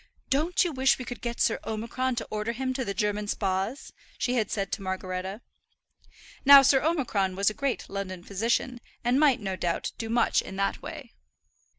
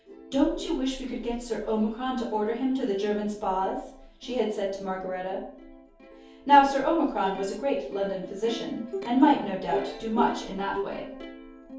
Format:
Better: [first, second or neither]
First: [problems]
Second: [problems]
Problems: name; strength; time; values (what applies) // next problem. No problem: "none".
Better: first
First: none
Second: background sound (Plucked string instrument); 13 dB below the speech // room echo; dies away in 0.6 s